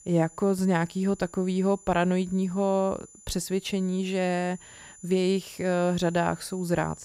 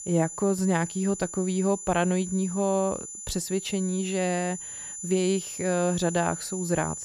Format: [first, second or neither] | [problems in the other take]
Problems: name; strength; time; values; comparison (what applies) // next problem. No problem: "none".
first | high-pitched whine; loud; throughout; 7 kHz, 8 dB below the speech; faint in the first